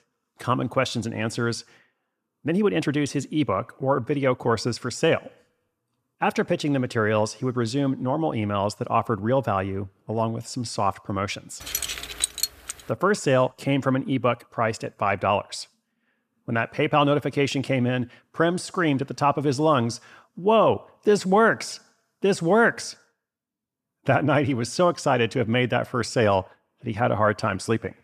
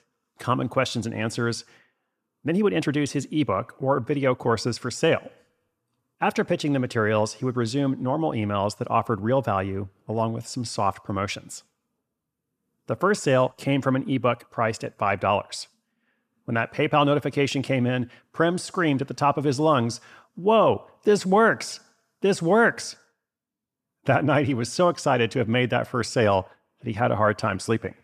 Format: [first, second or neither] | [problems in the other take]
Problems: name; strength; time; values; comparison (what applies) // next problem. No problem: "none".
second | jangling keys; noticeable; from 12 to 13 s; peak 1 dB below the speech